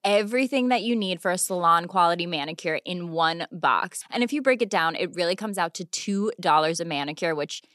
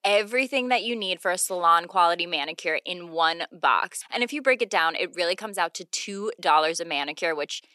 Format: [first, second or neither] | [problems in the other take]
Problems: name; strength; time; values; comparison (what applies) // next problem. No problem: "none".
first | thin; somewhat; fading below 400 Hz